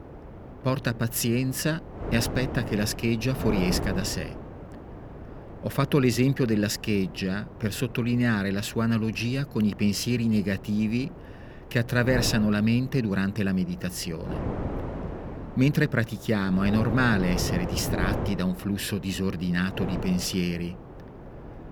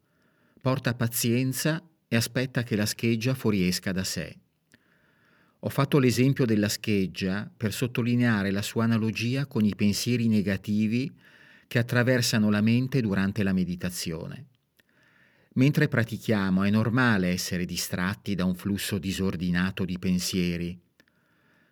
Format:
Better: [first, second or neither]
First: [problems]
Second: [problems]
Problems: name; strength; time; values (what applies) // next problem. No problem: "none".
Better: second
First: wind noise on the microphone; occasional gusts; 10 dB below the speech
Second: none